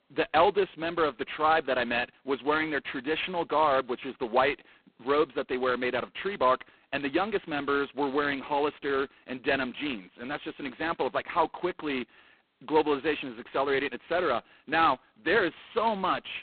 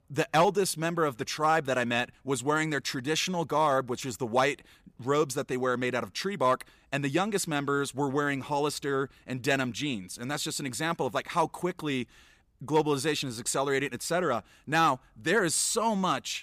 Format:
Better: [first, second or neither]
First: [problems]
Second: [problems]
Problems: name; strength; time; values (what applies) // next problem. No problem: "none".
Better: second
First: phone-call audio; poor line; nothing above 4 kHz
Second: none